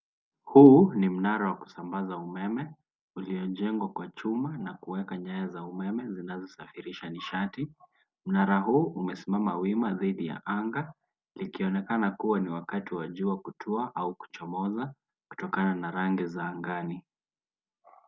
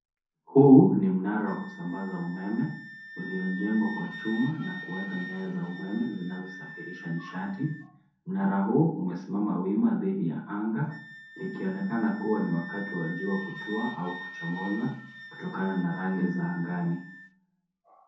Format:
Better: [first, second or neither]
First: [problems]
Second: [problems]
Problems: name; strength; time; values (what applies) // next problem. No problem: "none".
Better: first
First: none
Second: background sound (Wind instrument, woodwind instrument); 16 dB below the speech // room echo; dies away in 0.5 s